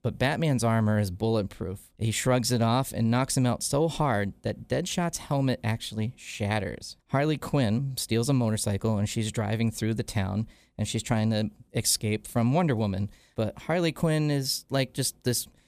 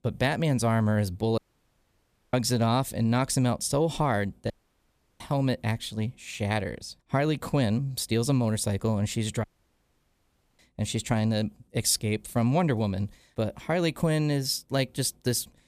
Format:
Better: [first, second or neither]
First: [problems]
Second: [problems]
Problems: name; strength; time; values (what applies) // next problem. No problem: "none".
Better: first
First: none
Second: audio cutting out; at 1.5 s for 1 s, at 4.5 s for 0.5 s and at 9.5 s for 1 s